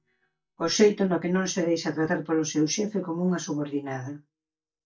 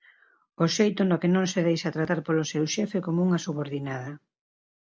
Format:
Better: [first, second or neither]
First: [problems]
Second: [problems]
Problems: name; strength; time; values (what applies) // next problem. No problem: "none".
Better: second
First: noise reduction (neural mask model DeepFilterNet 3)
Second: none